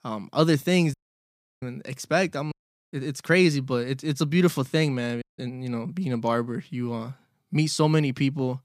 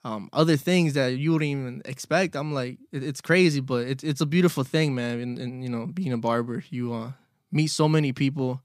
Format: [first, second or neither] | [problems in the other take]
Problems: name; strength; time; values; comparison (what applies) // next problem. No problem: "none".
second | audio cutting out; at 1 s for 0.5 s, at 2.5 s and at 5 s